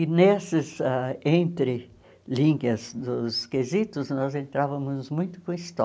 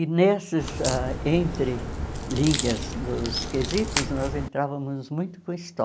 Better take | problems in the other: first | background sound (Crack); 4 dB below the speech

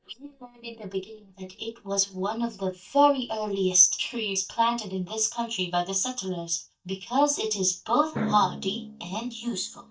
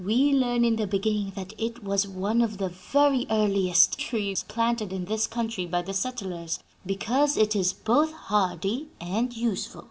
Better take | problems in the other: second | noise reduction (neural mask model DeepFilterNet 3)

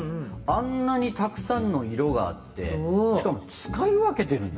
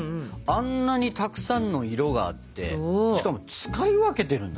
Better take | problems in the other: second | room echo; dies away in 2.4 s

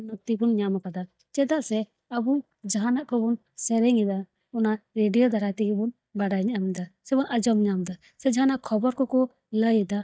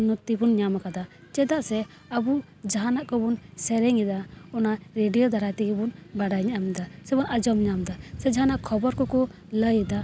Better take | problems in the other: second | noise reduction (neural mask model DeepFilterNet 3)

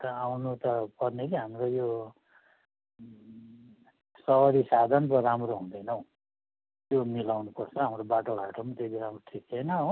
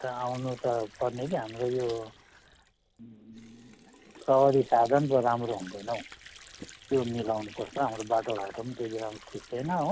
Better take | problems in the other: first | background sound (Sink (filling or washing) / Water + Drum); 20 dB below the speech

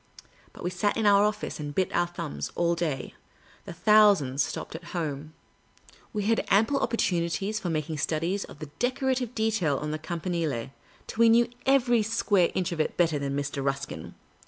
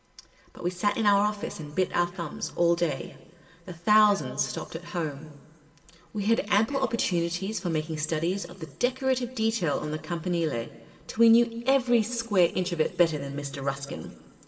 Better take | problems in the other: first | room echo; dies away in 2.6 s

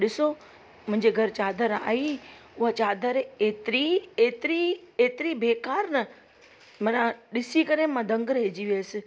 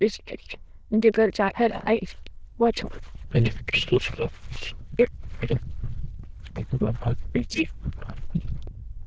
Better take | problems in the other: first | noise reduction (neural diffusion model UNIVERSE++)

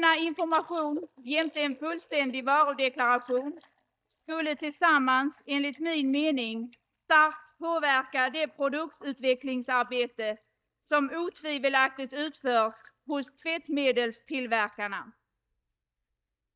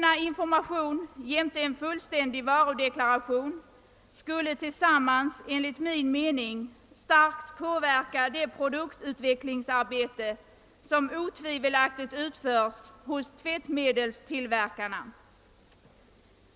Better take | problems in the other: second | noise reduction (neural mask model DeepFilterNet 3)

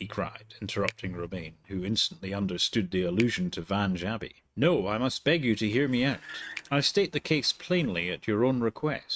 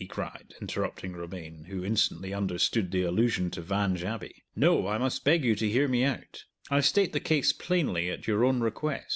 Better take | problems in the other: second | noise reduction (neural mask model RNNoise)

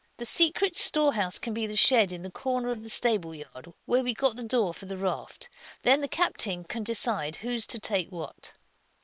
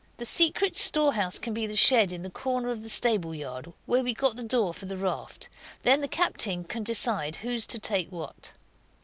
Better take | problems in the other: second | noise reduction (neural separator model SepFormer WHAM!)

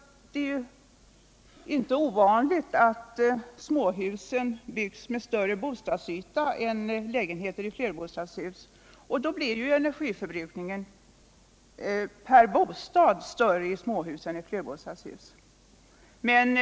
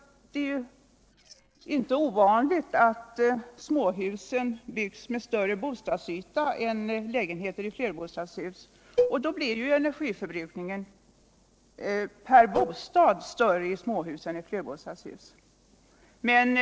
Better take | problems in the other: first | noise reduction (neural separator model SepFormer DNS4)

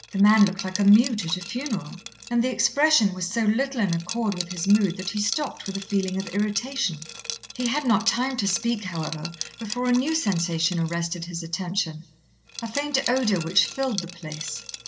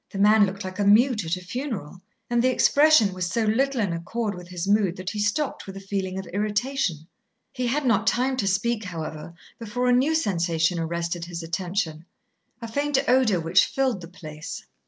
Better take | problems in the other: second | background sound (Liquid); 13 dB below the speech // room echo; dies away in 0.3 s

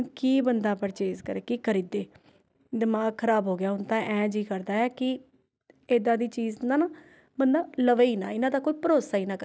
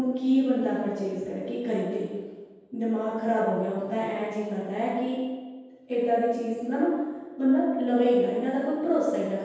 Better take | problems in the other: first | room echo; dies away in 1.2 s

